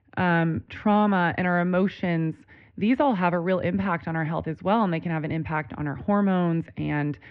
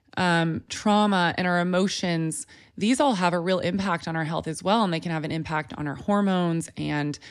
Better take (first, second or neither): second